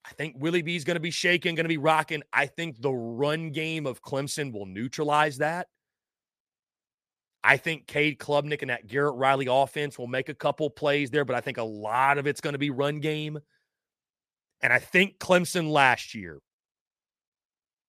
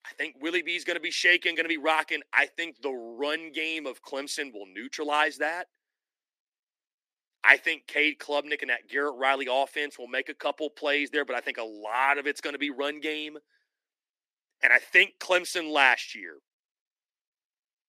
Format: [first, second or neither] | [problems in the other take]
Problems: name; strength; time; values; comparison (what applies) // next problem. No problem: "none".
first | thin; somewhat; fading below 300 Hz